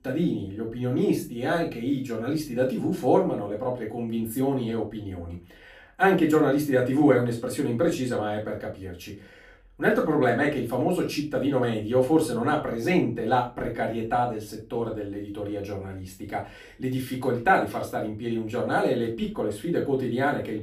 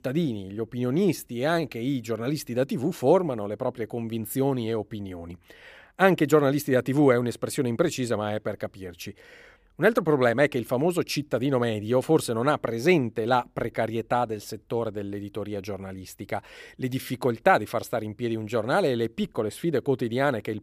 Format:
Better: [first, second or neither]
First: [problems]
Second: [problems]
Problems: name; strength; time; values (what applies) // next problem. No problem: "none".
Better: second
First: off-mic speech; far // room echo; slight; dies away in 0.3 s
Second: none